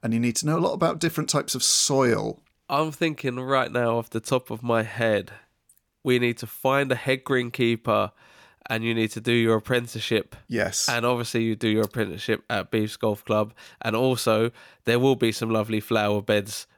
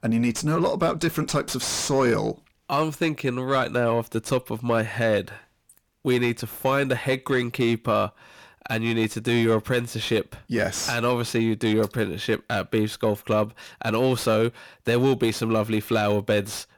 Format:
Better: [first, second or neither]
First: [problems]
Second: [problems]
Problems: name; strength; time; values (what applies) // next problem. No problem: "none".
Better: first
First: none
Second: distortion; slight; 10 dB below the speech